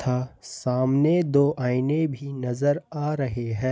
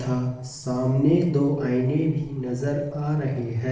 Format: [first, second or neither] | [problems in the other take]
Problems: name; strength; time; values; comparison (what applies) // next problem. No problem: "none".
first | noise reduction (neural separator model SepFormer DNS4)